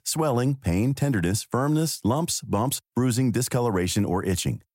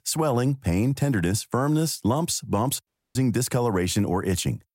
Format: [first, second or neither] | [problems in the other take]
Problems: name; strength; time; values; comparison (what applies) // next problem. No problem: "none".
first | audio cutting out; at 3 s